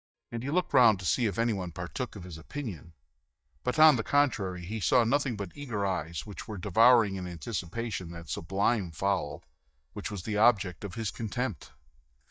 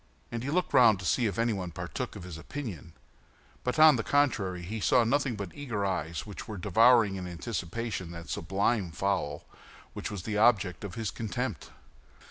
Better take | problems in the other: second | noise reduction (neural mask model DeepFilterNet 3)

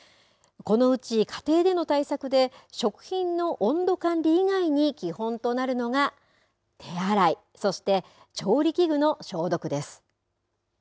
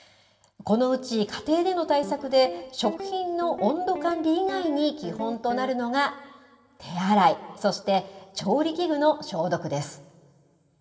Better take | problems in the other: first | background sound (Guitar); 12 dB below the speech // room echo; dies away in 1.3 s

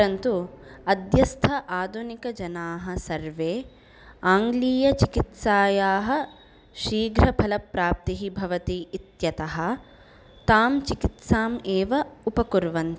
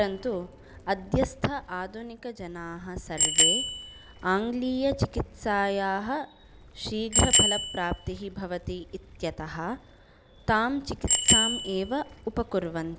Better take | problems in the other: first | background sound (Bicycle bell); as loud as the speech

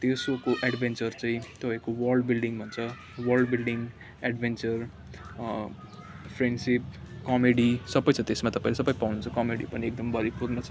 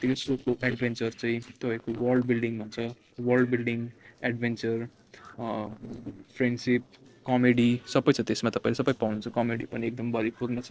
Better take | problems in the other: first | noise reduction (neural separator model SepFormer DNS4)

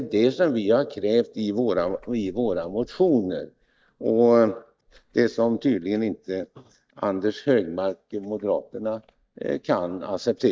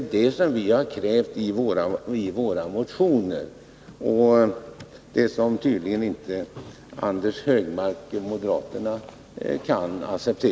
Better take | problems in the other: second | noise reduction (neural mask model DeepFilterNet 3)

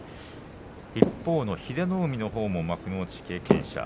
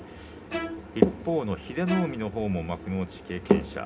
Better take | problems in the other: first | background sound (Bowed string instrument); 11 dB below the speech // room echo; dies away in 0.3 s

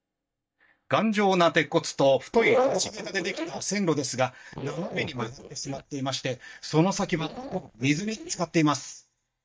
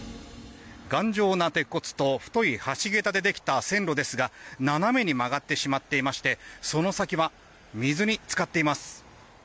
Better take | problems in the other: second | noise reduction (neural mask model DeepFilterNet 3)

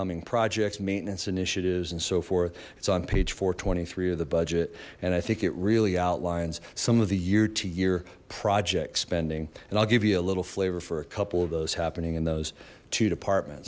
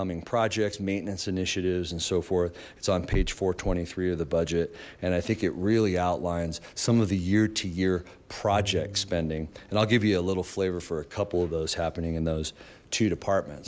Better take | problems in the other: first | background sound (Bowed string instrument); 15 dB below the speech

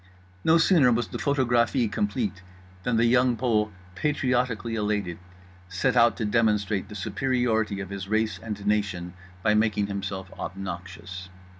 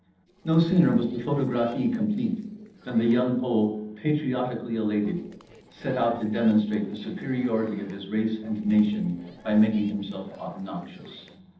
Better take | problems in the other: first | noise reduction (neural separator model SepFormer DNS4)

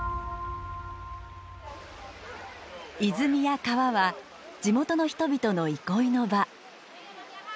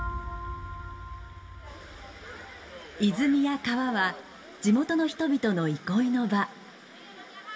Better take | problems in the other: first | room echo; dies away in 1.1 s

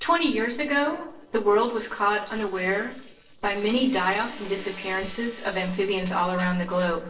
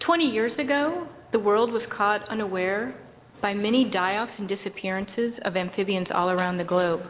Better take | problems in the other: second | noise reduction (neural separator model SepFormer DNS4)

